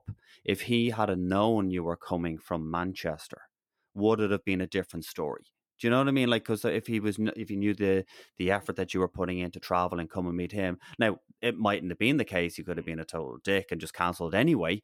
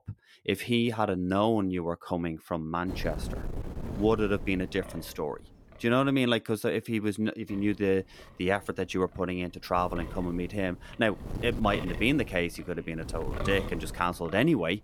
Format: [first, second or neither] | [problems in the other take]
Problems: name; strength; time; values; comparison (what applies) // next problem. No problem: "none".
first | wind noise on the microphone; occasional gusts; from 3 to 6 s and from 7.5 s on; 15 dB below the speech